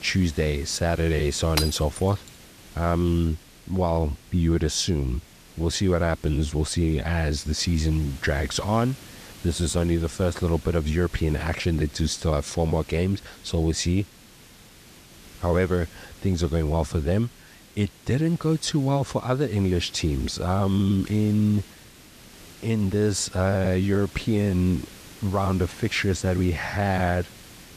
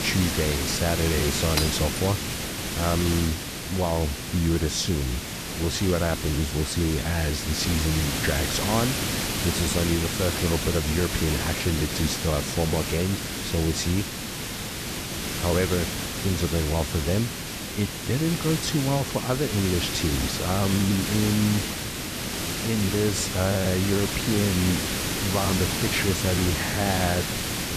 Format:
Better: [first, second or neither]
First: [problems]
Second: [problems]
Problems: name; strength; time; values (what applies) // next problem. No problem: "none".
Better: first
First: hiss; faint; throughout; 20 dB below the speech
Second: hiss; loud; throughout; 2 dB below the speech